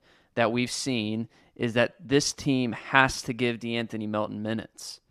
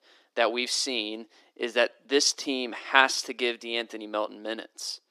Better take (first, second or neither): first